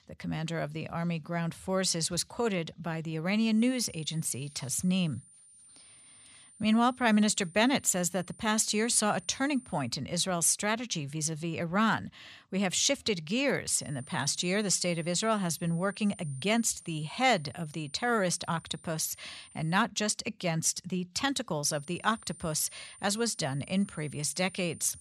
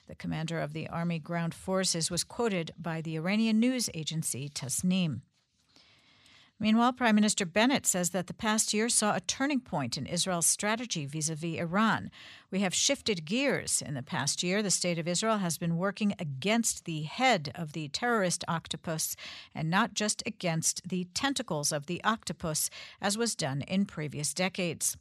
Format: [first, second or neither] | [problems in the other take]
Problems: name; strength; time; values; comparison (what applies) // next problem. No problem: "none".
second | high-pitched whine; faint; from 3.5 to 10 s, from 14 to 20 s and from 22 s on; 9 kHz, 20 dB below the speech